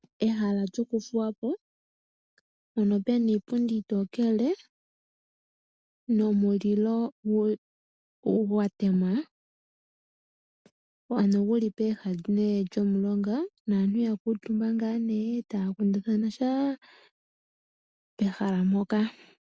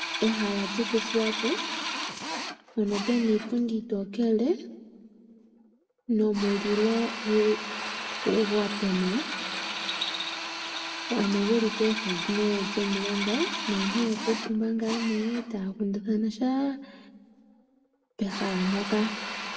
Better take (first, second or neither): first